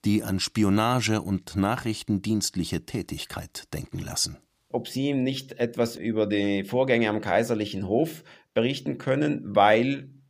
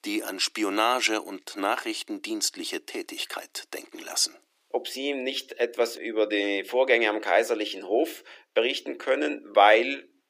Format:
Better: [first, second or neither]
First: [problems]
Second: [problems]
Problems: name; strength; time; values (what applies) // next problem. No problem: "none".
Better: first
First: none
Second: thin; somewhat; fading below 350 Hz